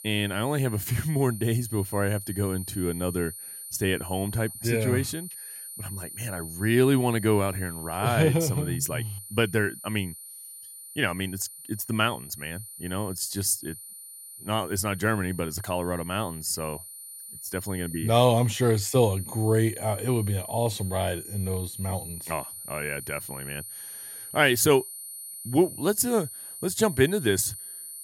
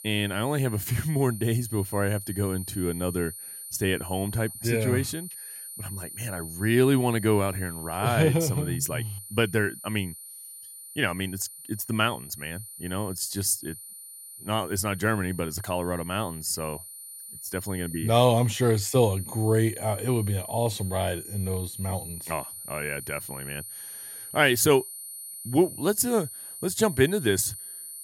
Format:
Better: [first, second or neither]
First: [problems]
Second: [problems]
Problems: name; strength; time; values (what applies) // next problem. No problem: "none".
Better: neither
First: high-pitched whine; noticeable; throughout; 9.5 kHz, 10 dB below the speech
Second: high-pitched whine; noticeable; throughout; 9.5 kHz, 10 dB below the speech